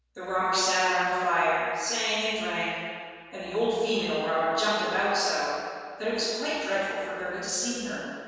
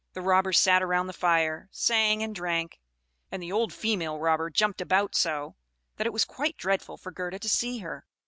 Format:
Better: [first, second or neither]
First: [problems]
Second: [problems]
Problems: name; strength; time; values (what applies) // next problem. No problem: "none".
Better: second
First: room echo; dies away in 1.9 s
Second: none